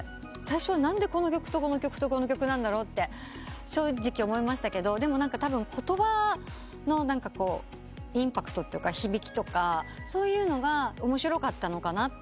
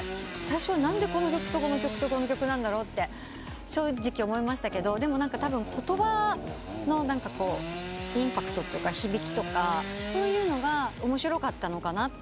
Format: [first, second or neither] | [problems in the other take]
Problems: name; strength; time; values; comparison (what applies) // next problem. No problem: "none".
first | background sound (Sawing / Engine); 9 dB below the speech